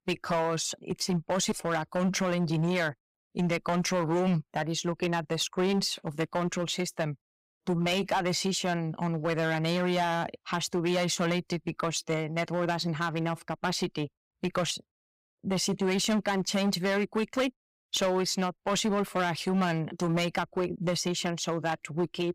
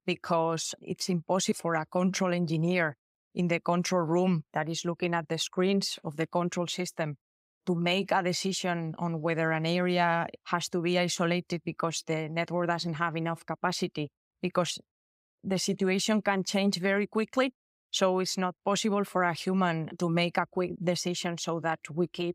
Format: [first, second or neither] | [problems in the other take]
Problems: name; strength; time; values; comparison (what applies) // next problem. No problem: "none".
second | distortion; slight; 9% of the sound clipped